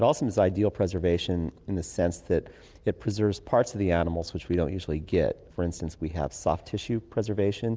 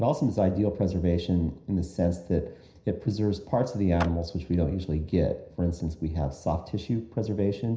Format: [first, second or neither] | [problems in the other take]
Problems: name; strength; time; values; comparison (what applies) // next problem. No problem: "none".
first | background sound (Clapping); 16 dB below the speech // room echo; dies away in 0.5 s